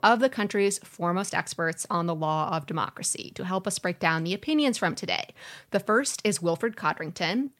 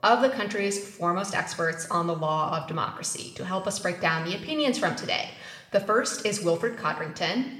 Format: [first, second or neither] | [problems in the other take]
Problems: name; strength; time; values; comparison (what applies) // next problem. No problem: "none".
first | room echo; slight; dies away in 0.8 s